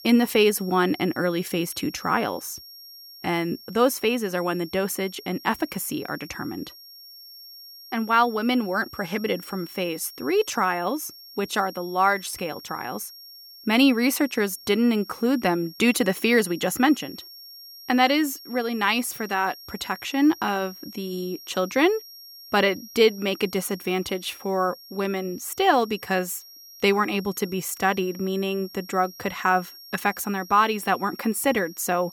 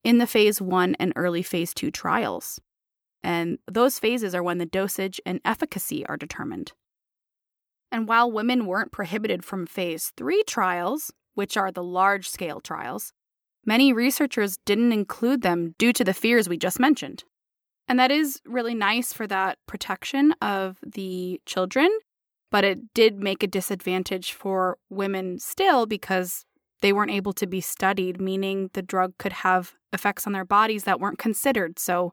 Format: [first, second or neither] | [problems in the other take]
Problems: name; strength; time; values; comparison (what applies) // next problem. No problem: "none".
second | high-pitched whine; noticeable; throughout; 5.5 kHz, 20 dB below the speech